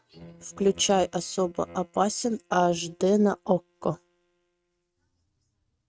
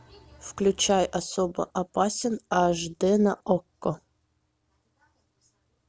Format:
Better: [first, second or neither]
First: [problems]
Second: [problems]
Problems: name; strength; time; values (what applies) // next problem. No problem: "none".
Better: second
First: noise reduction (neural mask model RNNoise)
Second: none